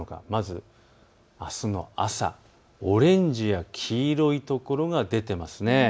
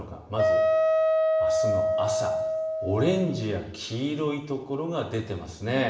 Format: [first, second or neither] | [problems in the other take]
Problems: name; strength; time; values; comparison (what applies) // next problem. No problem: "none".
first | background sound (Wind instrument, woodwind instrument); 5 dB above the speech // room echo; dies away in 0.8 s